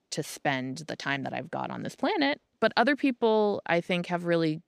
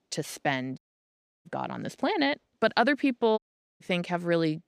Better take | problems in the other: first | audio cutting out; at 1 s for 0.5 s and at 3.5 s

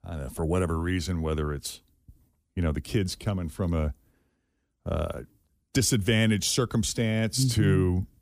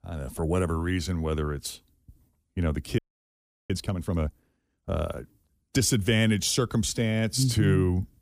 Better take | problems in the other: first | audio freezing; at 3 s for 0.5 s

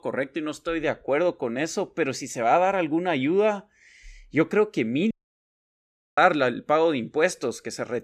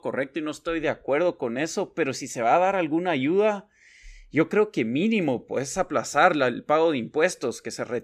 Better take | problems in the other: second | audio cutting out; at 5 s for 1 s

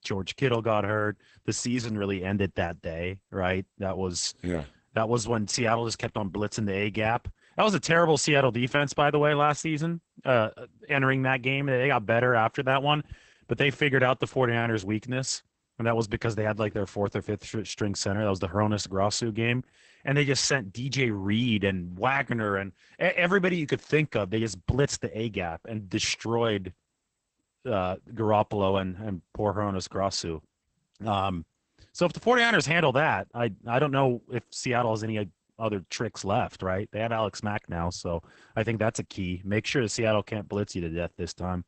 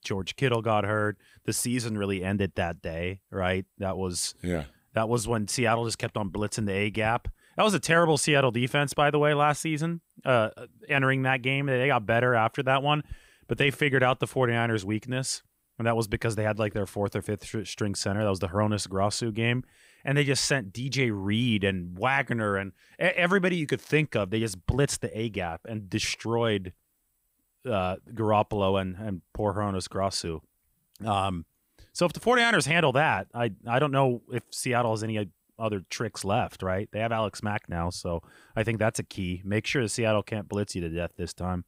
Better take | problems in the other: second | garbled, watery; badly; nothing above 8 kHz

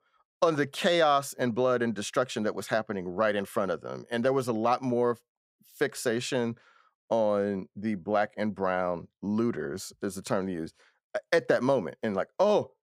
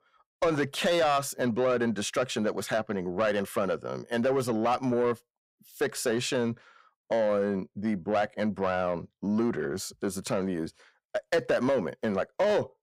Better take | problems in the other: first | distortion; slight; 10 dB below the speech

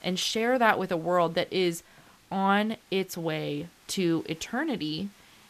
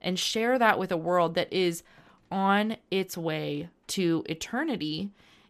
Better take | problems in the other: second | hiss; faint; throughout; 30 dB below the speech

